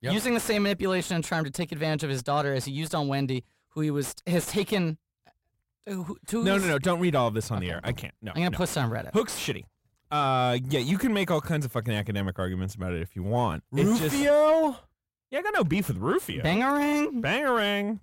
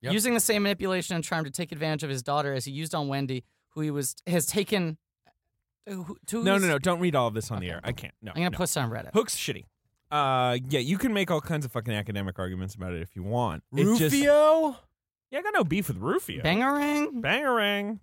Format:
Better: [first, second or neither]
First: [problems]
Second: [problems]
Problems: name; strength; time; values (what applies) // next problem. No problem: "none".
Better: second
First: distortion; slight; 10 dB below the speech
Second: none